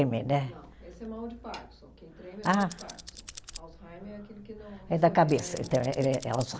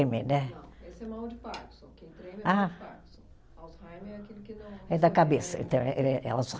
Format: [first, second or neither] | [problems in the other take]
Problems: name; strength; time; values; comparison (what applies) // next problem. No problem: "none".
second | background sound (Tools); 15 dB below the speech